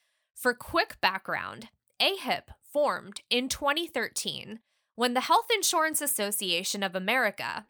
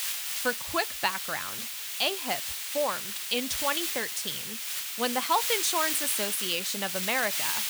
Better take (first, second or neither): first